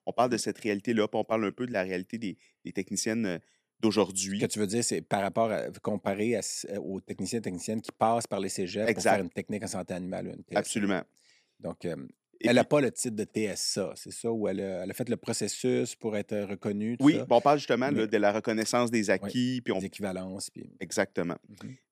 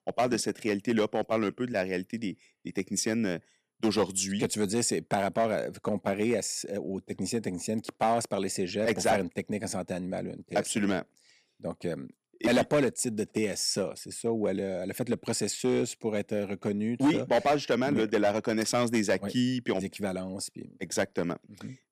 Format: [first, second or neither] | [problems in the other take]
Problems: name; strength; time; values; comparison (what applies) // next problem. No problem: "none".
first | distortion; slight; 3% of the sound clipped